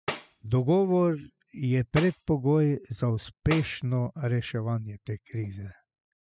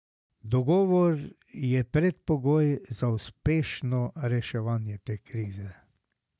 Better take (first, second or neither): second